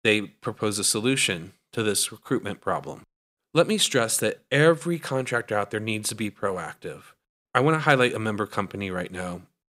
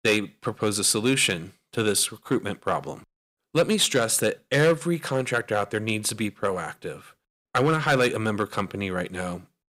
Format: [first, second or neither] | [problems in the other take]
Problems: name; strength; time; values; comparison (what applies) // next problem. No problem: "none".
first | distortion; slight; 2% of the sound clipped